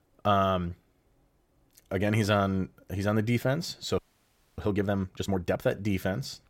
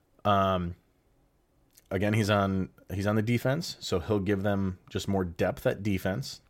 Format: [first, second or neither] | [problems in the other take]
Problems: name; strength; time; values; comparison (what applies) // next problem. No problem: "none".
second | audio freezing; at 4 s for 0.5 s